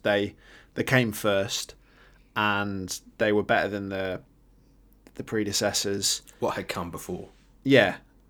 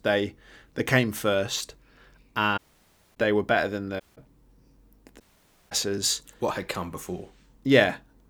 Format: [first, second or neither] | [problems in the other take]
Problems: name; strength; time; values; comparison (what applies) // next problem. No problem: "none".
first | audio cutting out; at 2.5 s for 0.5 s, at 4 s and at 5 s for 0.5 s